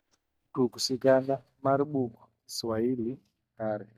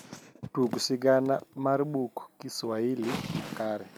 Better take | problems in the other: second | noise reduction (neural mask model DeepFilterNet 3)

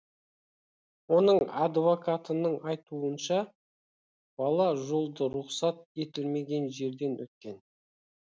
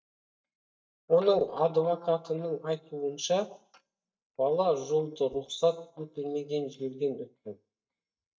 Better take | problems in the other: first | noise reduction (neural mask model DeepFilterNet 3)

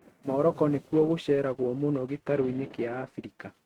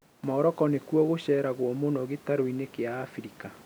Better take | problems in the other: second | noise reduction (neural mask model RNNoise)

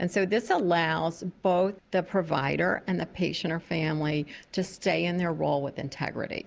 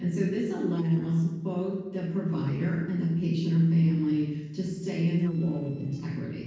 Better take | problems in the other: first | noise reduction (neural separator model SepFormer DNS4)

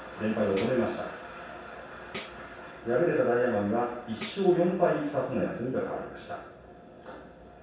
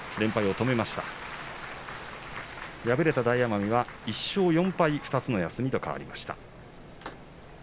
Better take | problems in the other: second | background sound (Tambourine); 19 dB below the speech // room echo; dies away in 0.7 s

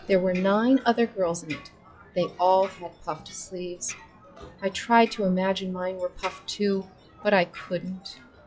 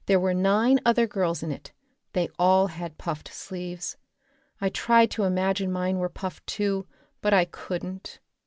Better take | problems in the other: second | noise reduction (classical method log-MMSE)

